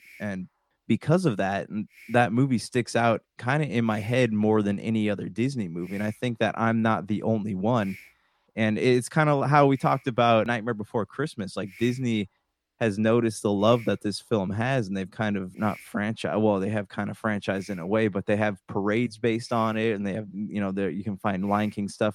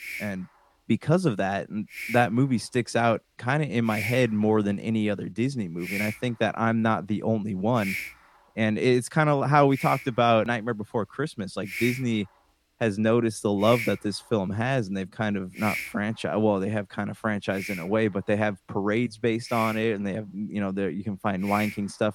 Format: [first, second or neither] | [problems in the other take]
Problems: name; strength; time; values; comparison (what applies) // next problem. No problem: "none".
first | hiss; loud; throughout; 9 dB below the speech; faint in the first